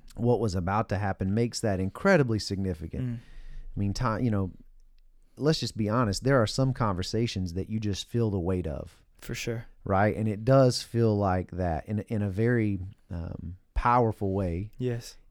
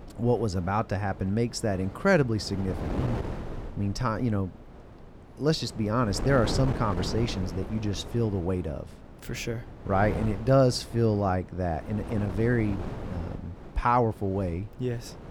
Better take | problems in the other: first | wind noise on the microphone; occasional gusts; 15 dB below the speech

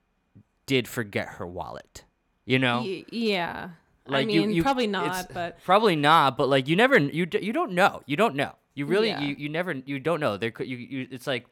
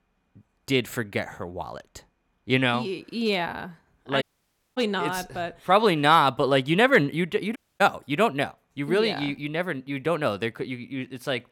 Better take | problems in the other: first | audio cutting out; at 4 s for 0.5 s and at 7.5 s

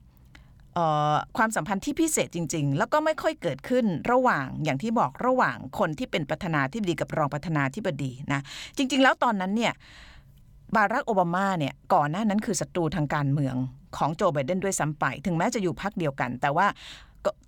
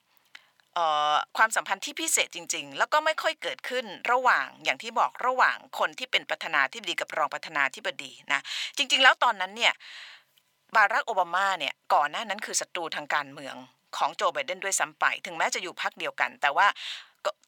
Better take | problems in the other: first | thin; very; fading below 800 Hz

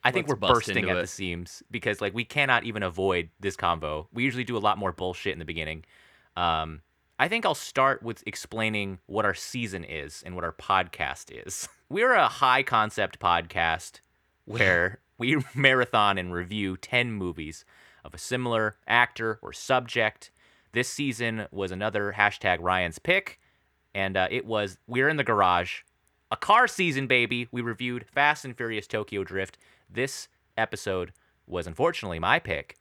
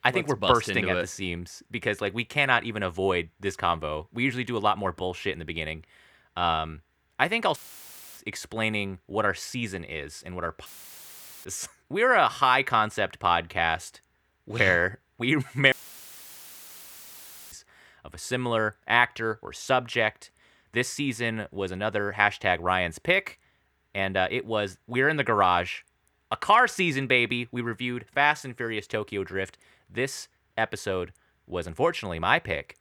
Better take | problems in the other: first | audio cutting out; filled with static; at 7.5 s for 0.5 s, at 11 s for 1 s and at 16 s for 2 s

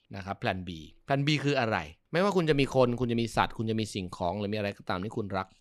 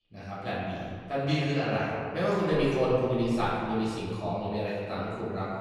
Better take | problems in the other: first | off-mic speech; far // room echo; strong; dies away in 1.9 s

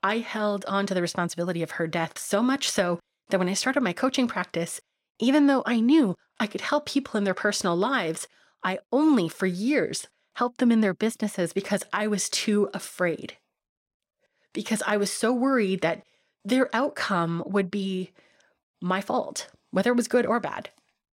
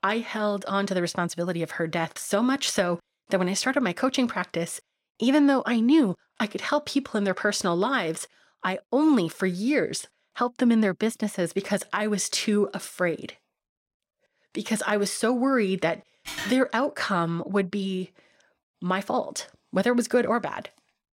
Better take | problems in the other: first | phone ringing; noticeable; at 16 s; peak 7 dB below the speech

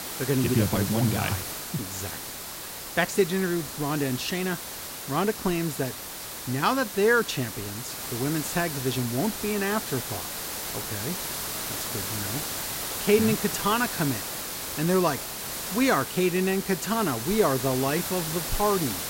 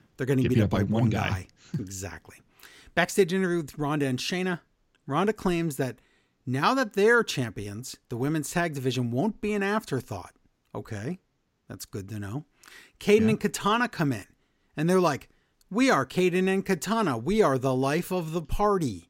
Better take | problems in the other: second | hiss; loud; throughout; 5 dB below the speech

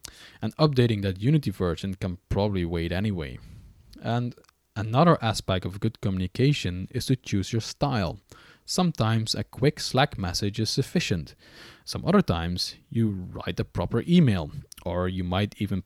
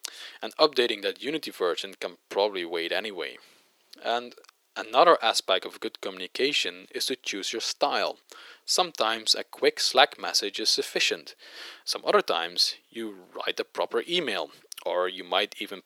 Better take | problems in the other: first | thin; very; fading below 400 Hz

